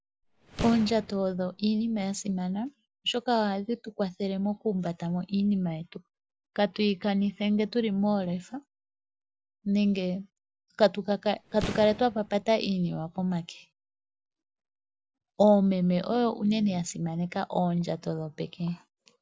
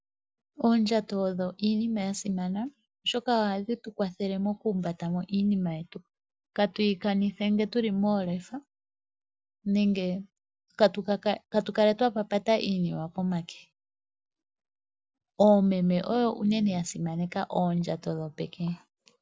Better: second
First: background sound (Boom); 12 dB below the speech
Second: none

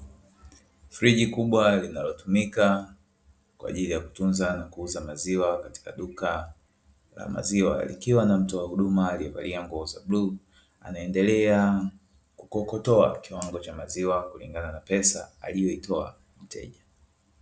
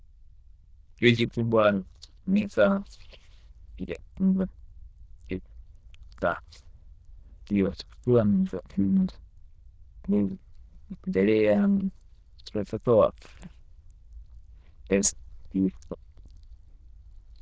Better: first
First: none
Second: noise reduction (neural diffusion model UNIVERSE++)

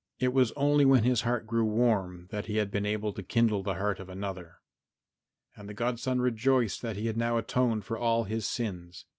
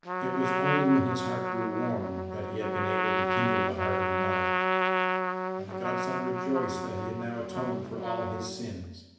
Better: first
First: none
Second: background sound (Trumpet); 3 dB above the speech // room echo; dies away in 0.9 s

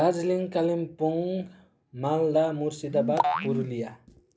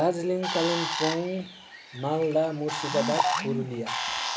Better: first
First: none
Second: background sound (Bird); 6 dB below the speech

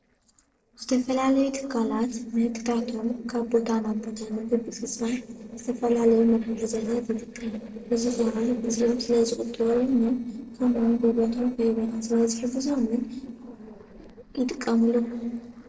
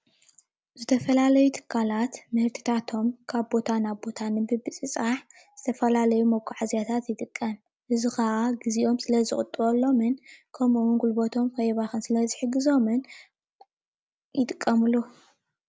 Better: second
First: noise reduction (neural separator model SepFormer DNS4)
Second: none

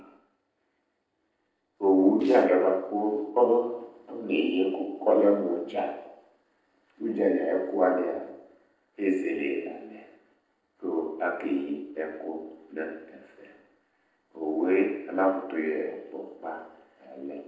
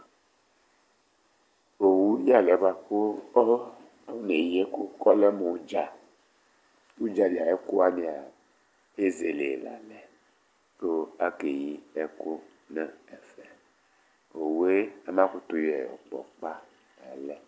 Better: second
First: noise reduction (neural separator model SepFormer DNS4)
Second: none

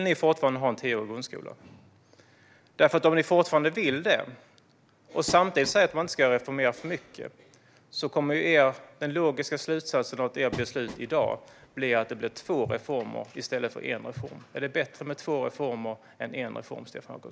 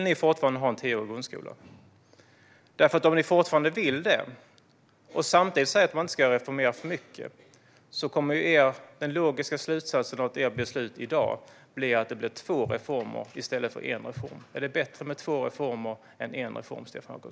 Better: second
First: background sound (Train); 17 dB below the speech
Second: none

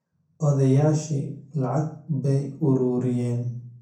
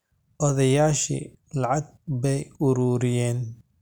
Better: second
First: room echo; dies away in 0.6 s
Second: none

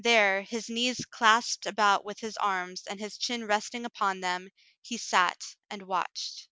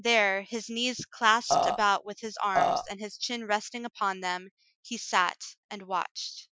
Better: first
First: none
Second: noise reduction (classical method Wiener filter)

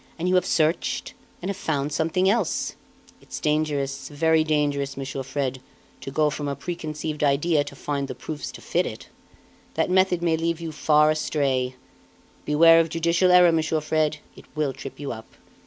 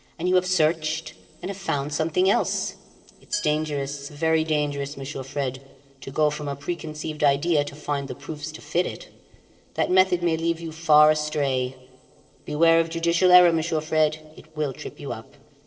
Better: first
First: none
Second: noise reduction (neural separator model SepFormer DNS4)

